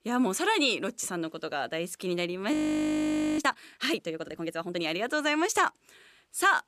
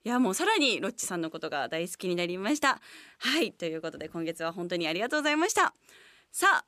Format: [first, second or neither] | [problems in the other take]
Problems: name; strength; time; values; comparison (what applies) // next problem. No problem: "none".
second | audio freezing; at 2.5 s for 1 s